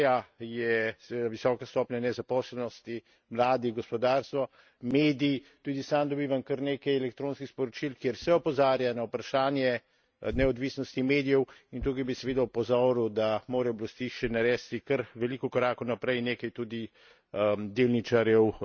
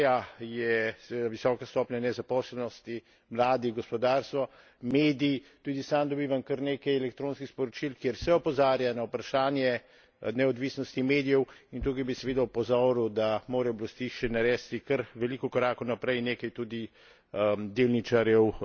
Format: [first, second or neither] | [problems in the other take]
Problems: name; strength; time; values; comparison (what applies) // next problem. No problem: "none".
second | noise reduction (neural mask model RNNoise)